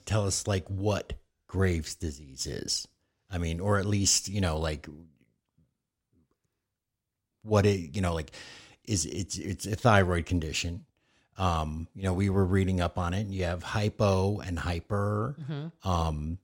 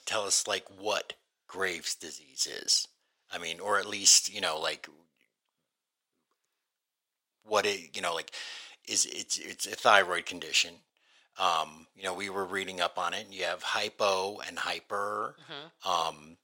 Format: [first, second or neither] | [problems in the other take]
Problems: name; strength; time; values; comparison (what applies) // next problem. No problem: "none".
first | thin; very; fading below 700 Hz